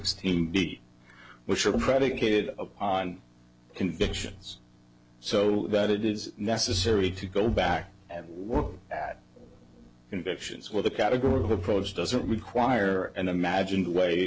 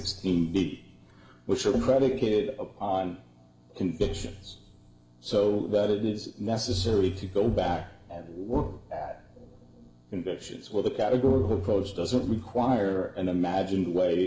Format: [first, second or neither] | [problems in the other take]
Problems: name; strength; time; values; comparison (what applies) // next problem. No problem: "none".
first | room echo; dies away in 1.3 s